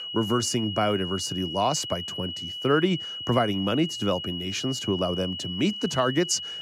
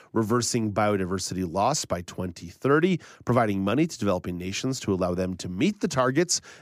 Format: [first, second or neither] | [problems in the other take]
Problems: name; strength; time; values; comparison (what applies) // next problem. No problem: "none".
second | high-pitched whine; loud; throughout; 3 kHz, 6 dB below the speech